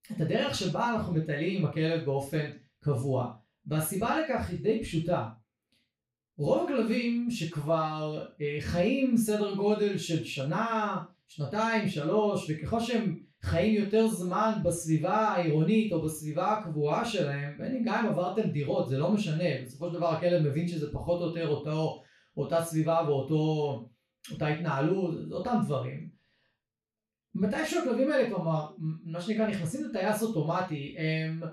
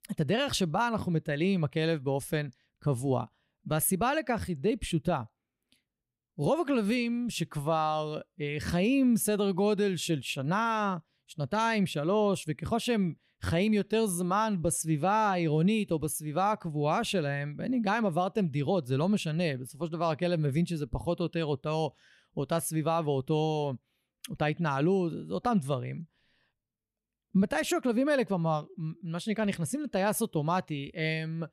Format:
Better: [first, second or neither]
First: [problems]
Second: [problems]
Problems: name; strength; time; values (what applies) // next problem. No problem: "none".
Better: second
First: room echo; noticeable; dies away in 0.3 s // off-mic speech; far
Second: none